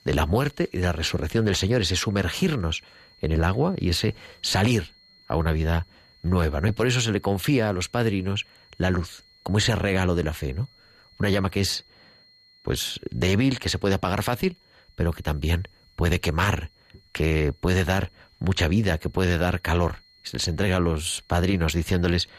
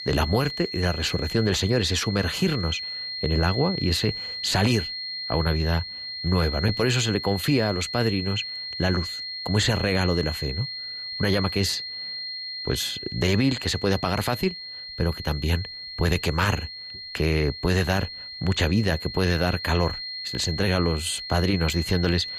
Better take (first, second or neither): first